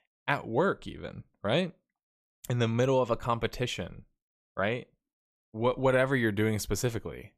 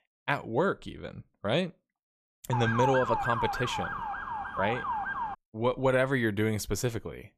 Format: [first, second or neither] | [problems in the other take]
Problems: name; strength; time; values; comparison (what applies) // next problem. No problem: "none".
first | siren; loud; from 2.5 to 5.5 s; peak 1 dB above the speech